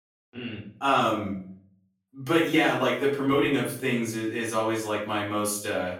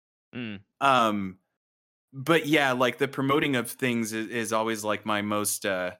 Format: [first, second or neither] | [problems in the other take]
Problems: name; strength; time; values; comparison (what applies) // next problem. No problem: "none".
second | room echo; noticeable; dies away in 0.5 s // off-mic speech; far